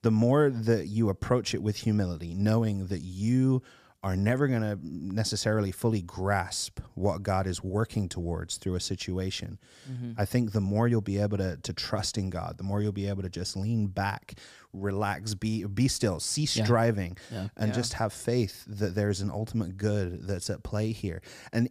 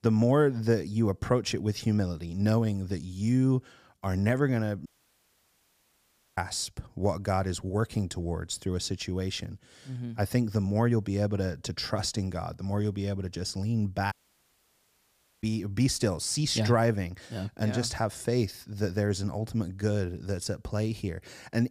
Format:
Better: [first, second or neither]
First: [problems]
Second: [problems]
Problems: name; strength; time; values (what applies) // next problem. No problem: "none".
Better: first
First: none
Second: audio cutting out; at 5 s for 1.5 s and at 14 s for 1.5 s